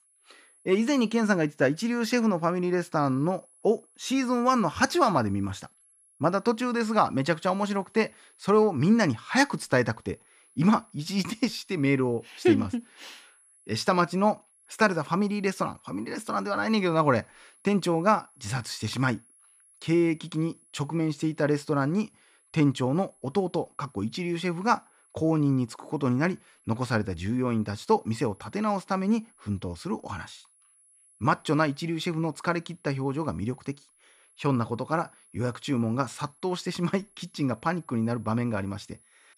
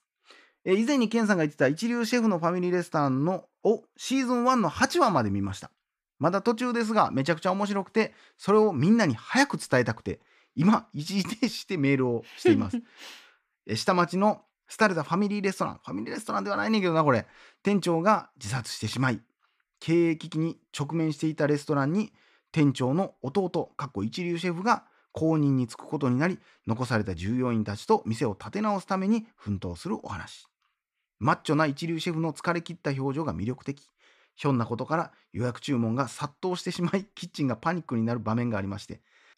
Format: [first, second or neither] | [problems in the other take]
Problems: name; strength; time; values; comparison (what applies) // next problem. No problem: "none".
second | high-pitched whine; faint; throughout; 11 kHz, 30 dB below the speech